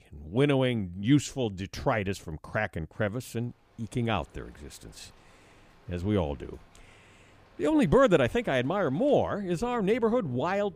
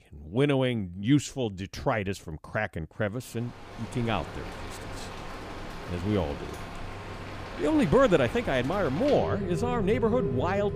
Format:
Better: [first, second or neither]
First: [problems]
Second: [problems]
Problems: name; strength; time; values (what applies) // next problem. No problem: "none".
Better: first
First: rain or running water; faint; from 3.5 s on; 30 dB below the speech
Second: rain or running water; loud; from 3.5 s on; 9 dB below the speech